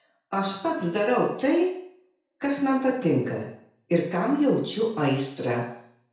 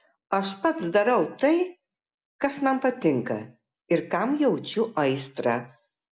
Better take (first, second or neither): second